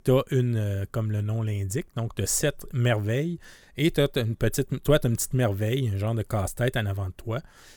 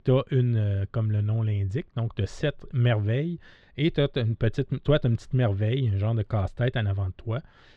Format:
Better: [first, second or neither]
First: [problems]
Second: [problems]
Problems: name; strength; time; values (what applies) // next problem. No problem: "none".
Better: first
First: none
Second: muffled; very; fading above 3.5 kHz